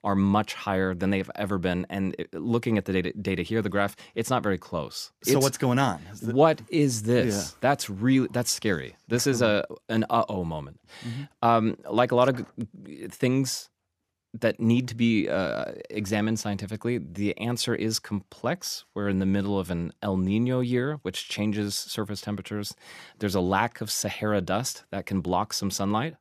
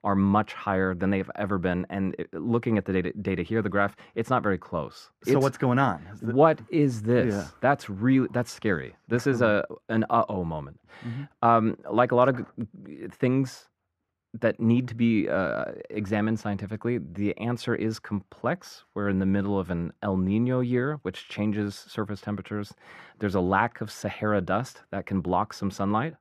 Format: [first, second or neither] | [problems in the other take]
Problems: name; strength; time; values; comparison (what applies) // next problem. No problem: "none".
first | muffled; slightly; fading above 3.5 kHz